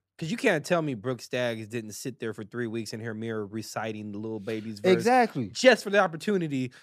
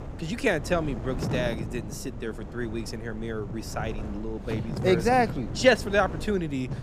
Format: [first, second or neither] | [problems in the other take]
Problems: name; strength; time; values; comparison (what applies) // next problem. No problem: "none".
first | wind noise on the microphone; occasional gusts; 15 dB below the speech